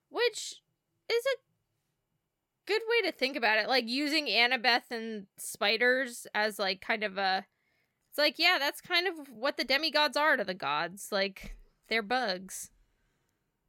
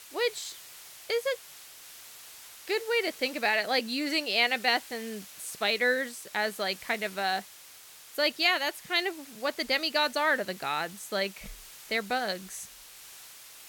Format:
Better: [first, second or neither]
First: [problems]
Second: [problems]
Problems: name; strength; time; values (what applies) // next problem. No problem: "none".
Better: first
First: none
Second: hiss; noticeable; throughout; 15 dB below the speech